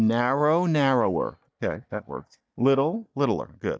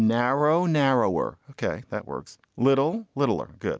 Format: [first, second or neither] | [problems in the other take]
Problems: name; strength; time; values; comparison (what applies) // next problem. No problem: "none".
second | noise reduction (neural mask model DeepFilterNet 3)